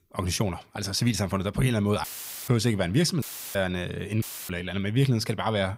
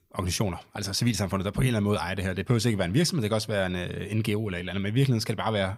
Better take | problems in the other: second | audio cutting out; filled with static; at 2 s, at 3 s and at 4 s

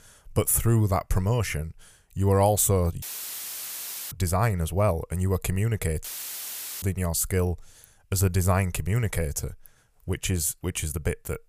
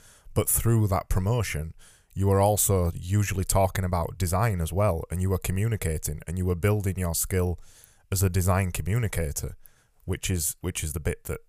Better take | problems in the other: second | audio cutting out; filled with static; at 3 s for 1 s and at 6 s for 1 s

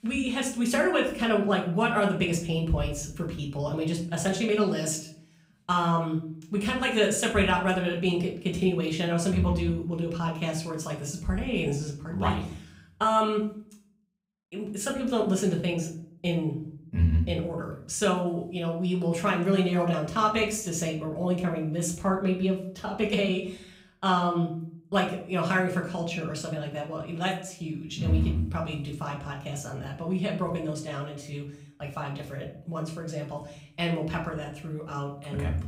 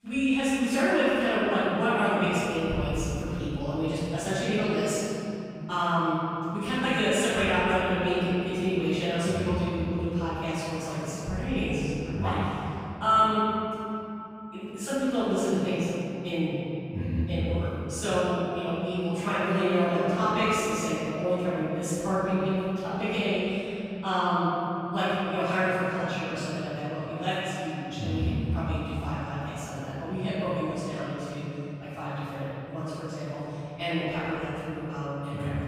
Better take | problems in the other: first | room echo; strong; dies away in 2.9 s; slight in the first // off-mic speech; far; far in the first

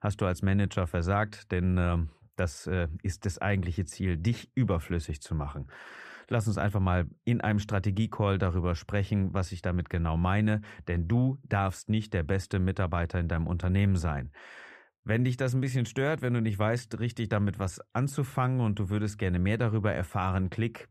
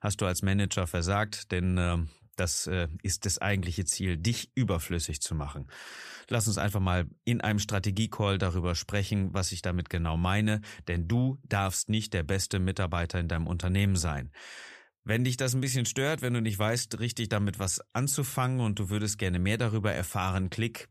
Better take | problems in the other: second | muffled; slightly; fading above 3 kHz

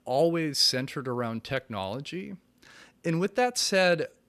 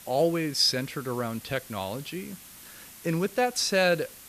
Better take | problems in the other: first | hiss; noticeable; throughout; 20 dB below the speech

